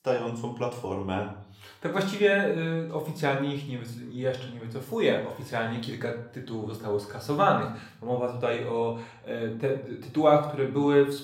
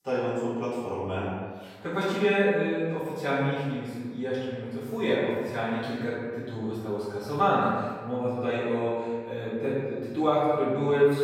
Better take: first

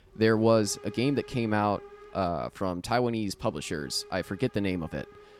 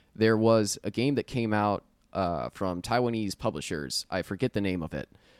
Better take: second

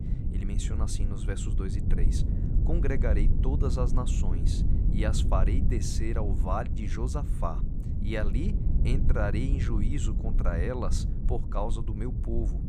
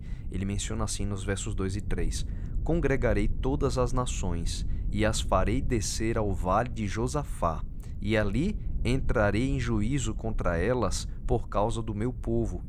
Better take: second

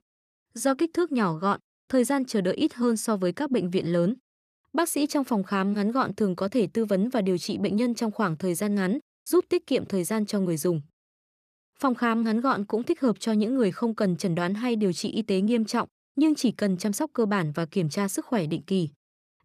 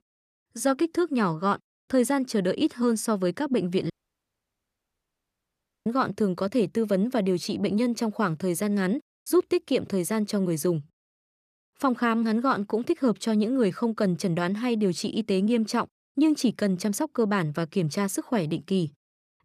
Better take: first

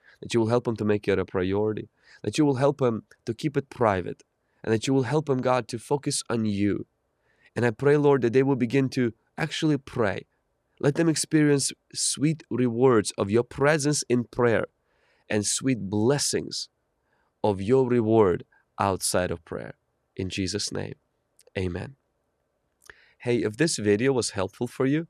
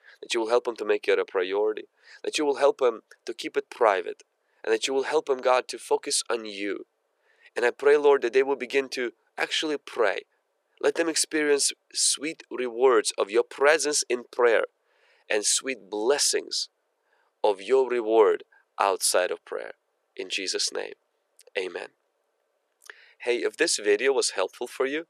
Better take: first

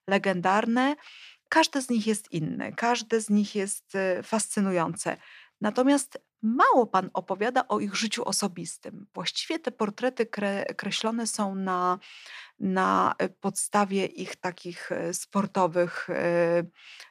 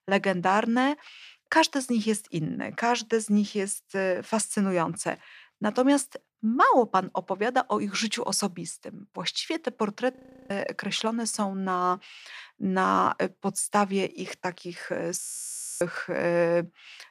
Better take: first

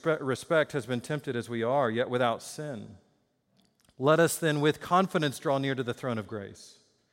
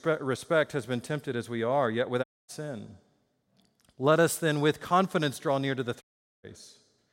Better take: first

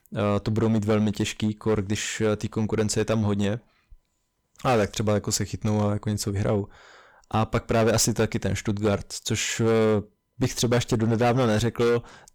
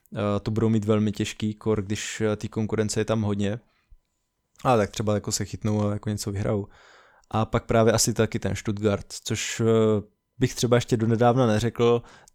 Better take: second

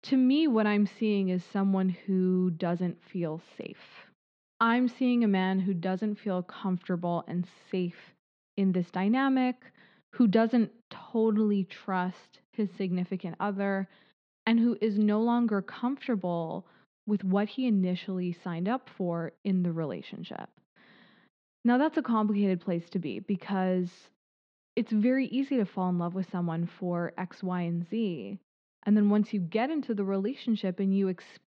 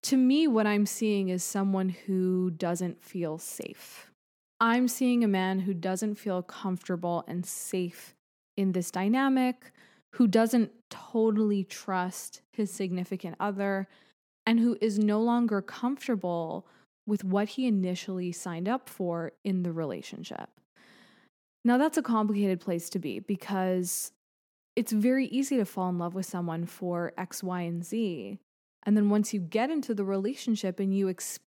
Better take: second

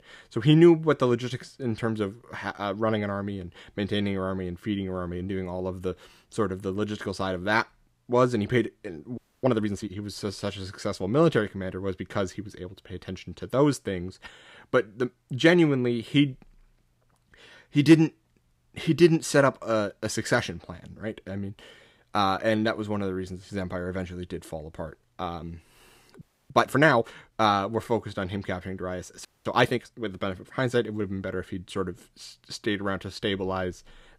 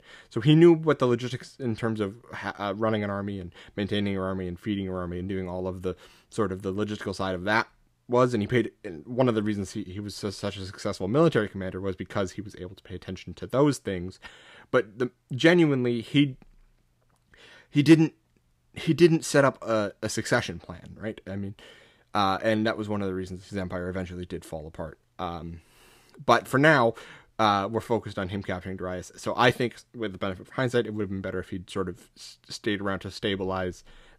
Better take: second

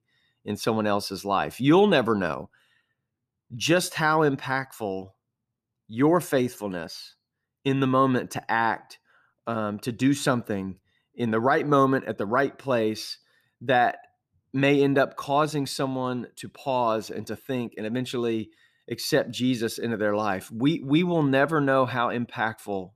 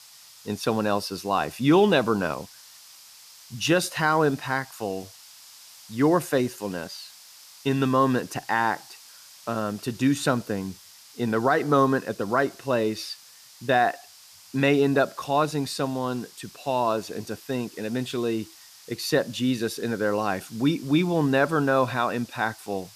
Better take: first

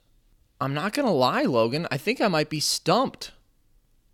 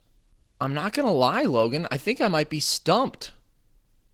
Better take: first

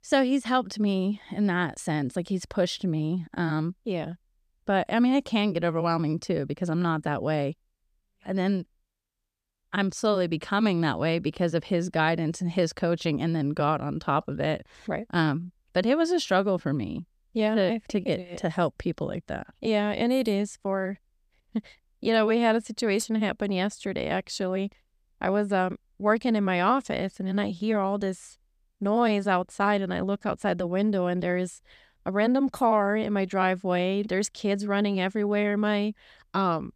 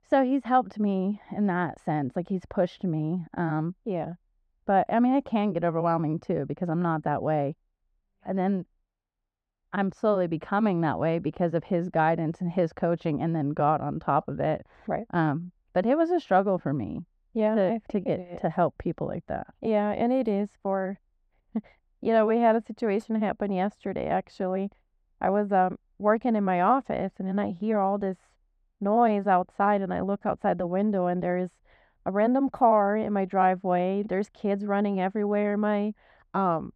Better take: first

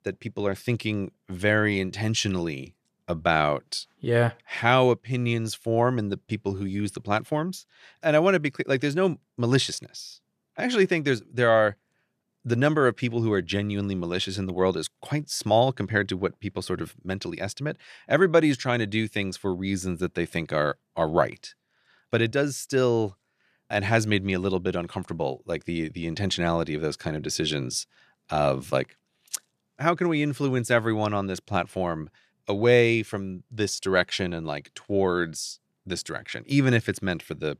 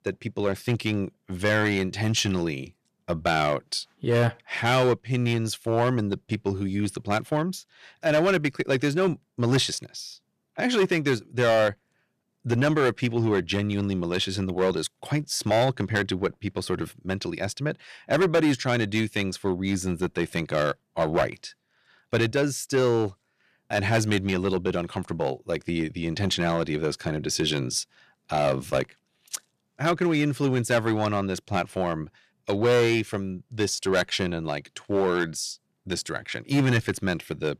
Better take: first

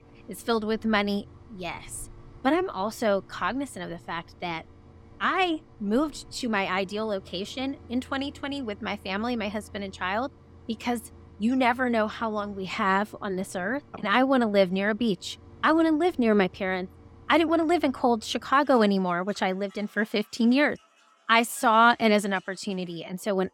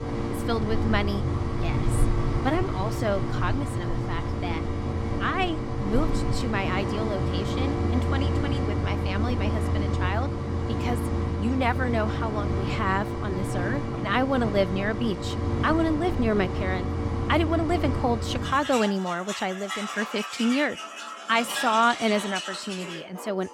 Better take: first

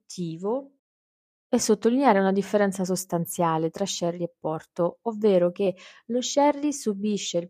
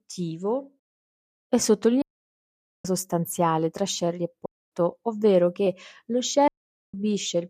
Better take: first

